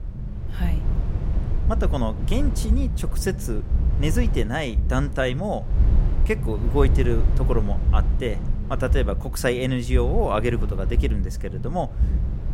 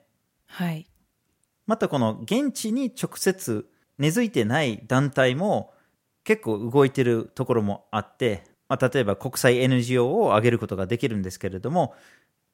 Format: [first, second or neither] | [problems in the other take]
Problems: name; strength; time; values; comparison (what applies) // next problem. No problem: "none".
second | low rumble; noticeable; throughout; 10 dB below the speech